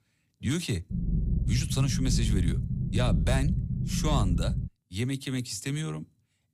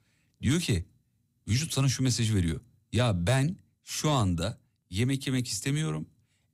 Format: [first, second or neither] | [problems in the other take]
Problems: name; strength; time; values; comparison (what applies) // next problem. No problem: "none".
second | low rumble; loud; from 1 to 4.5 s; 7 dB below the speech